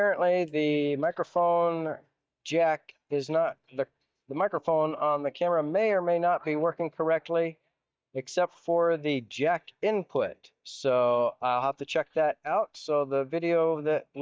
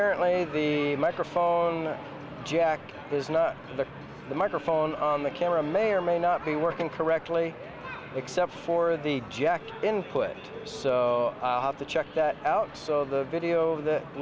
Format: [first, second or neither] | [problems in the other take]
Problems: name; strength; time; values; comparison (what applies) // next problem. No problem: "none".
second | noise reduction (neural mask model DeepFilterNet 3)